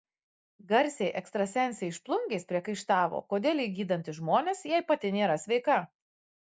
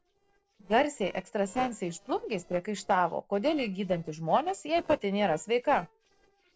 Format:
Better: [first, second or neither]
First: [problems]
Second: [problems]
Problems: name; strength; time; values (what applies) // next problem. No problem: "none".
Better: first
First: none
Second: noise reduction (neural separator model SepFormer DNS4)